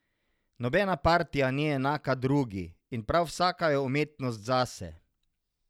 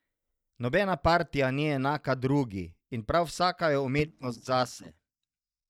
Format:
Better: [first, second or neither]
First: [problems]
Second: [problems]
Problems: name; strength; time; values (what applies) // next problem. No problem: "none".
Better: first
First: none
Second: noise reduction (neural mask model DeepFilterNet 3)